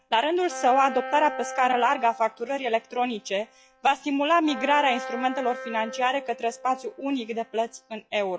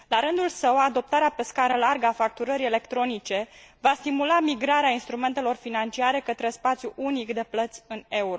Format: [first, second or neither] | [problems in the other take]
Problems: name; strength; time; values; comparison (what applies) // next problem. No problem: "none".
second | noise reduction (classical method log-MMSE)